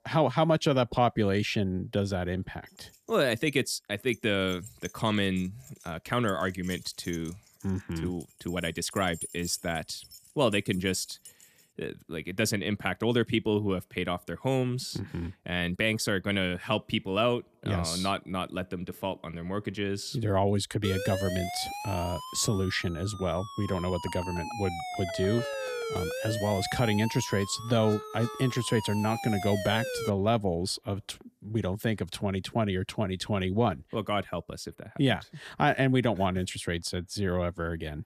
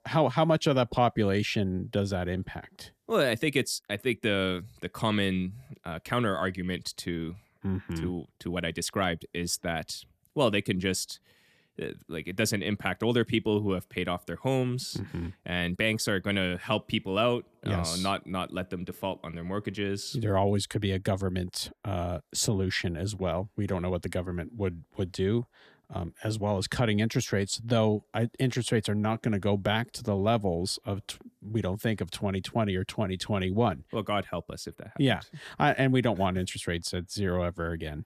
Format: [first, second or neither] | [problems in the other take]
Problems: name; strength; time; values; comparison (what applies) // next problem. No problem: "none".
second | jangling keys; noticeable; from 3.5 to 11 s; peak 9 dB below the speech // siren; noticeable; from 21 to 30 s; peak 4 dB below the speech